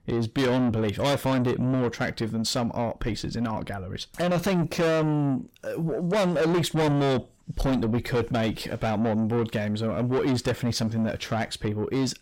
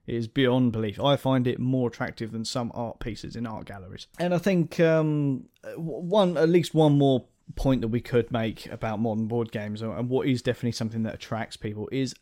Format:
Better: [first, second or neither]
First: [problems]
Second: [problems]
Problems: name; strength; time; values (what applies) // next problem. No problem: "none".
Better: second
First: distortion; heavy; 6 dB below the speech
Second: none